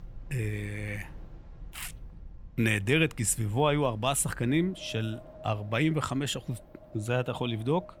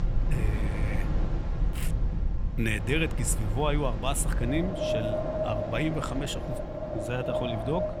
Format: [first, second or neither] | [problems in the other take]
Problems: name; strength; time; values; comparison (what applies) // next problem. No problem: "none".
first | wind in the background; loud; throughout; as loud as the speech; faint in the first